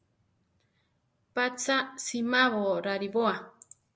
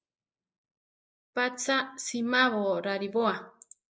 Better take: first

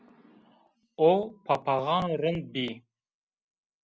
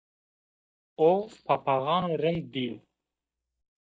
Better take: first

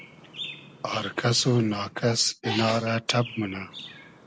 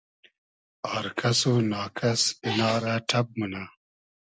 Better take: second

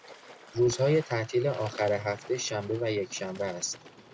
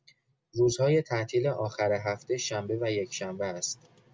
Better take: second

